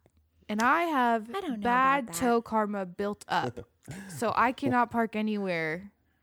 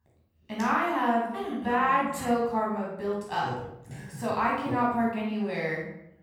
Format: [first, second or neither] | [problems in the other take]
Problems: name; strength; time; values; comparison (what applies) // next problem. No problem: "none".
first | off-mic speech; far // room echo; noticeable; dies away in 0.7 s